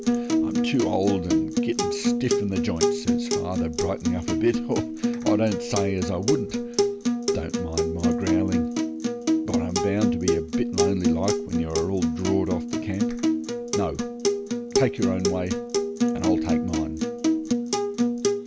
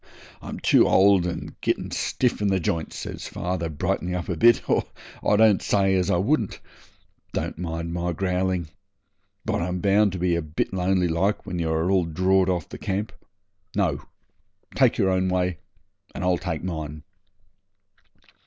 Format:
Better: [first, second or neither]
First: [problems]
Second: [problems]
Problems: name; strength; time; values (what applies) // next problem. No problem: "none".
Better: second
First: background sound (Acoustic guitar); 4 dB above the speech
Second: none